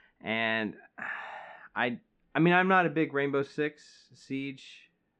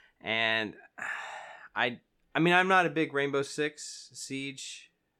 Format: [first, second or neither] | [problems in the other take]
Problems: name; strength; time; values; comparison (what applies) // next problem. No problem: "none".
second | muffled; slightly; fading above 2.5 kHz